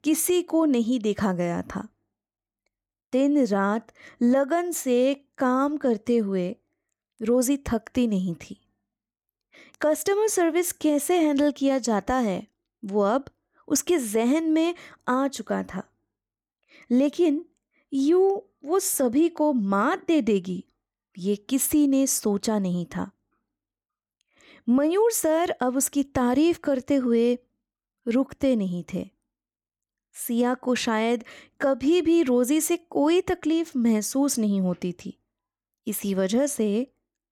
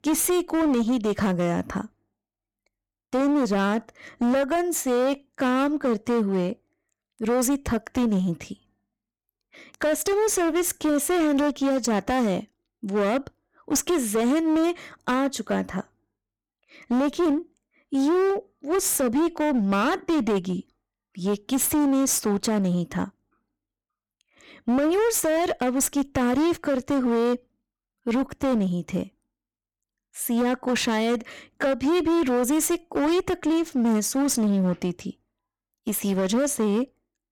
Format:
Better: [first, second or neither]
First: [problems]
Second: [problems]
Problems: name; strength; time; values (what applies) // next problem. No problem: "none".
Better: first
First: none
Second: distortion; slight; 18% of the sound clipped